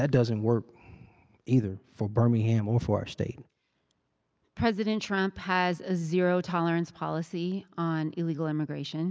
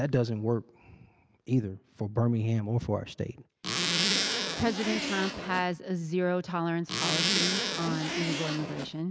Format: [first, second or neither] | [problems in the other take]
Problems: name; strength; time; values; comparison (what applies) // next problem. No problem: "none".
first | background sound (Zipper (clothing)); as loud as the speech